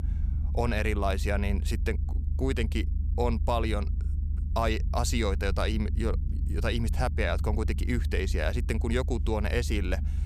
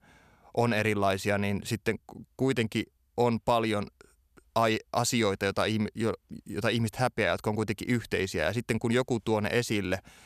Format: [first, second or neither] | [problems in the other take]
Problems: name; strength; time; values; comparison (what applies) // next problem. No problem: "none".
second | low rumble; noticeable; throughout; 15 dB below the speech